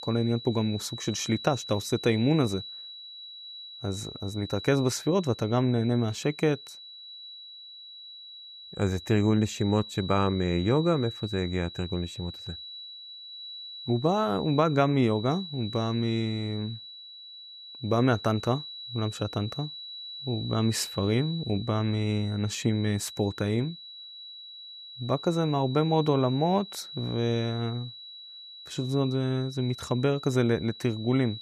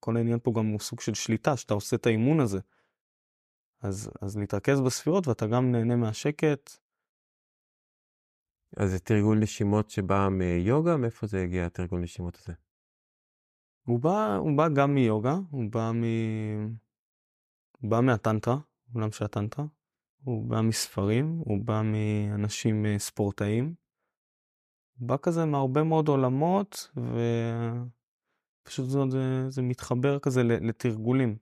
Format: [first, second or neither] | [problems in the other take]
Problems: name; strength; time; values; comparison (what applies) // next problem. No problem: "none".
second | high-pitched whine; noticeable; throughout; 4 kHz, 10 dB below the speech